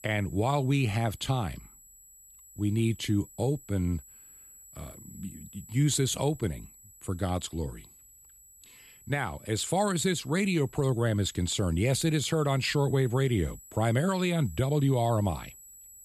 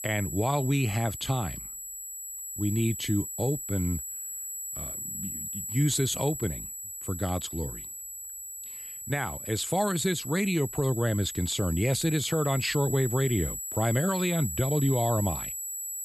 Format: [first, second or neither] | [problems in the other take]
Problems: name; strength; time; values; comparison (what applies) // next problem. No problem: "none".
first | high-pitched whine; loud; throughout; 8 kHz, 6 dB below the speech; faint in the first